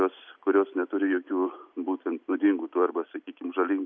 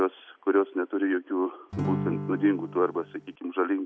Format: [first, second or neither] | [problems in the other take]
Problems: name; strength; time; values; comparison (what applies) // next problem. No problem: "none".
first | background sound (Acoustic guitar / Strum); 6 dB below the speech